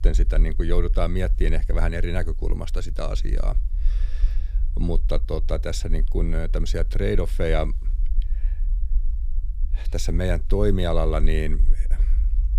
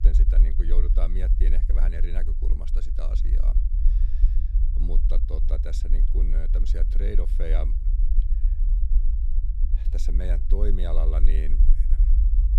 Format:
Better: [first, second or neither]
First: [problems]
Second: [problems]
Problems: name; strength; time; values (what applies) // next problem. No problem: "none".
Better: first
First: low rumble; faint; throughout; 20 dB below the speech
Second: low rumble; loud; throughout; 7 dB below the speech